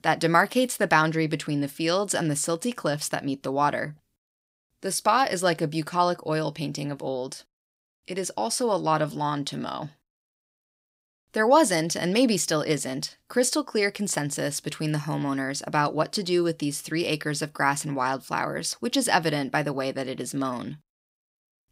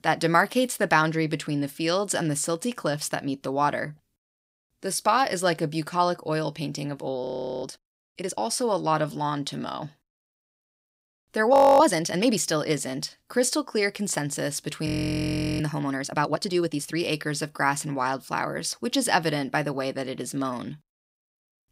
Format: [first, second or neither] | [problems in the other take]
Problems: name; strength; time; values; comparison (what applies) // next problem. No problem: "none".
first | audio freezing; at 7 s, at 12 s and at 15 s for 0.5 s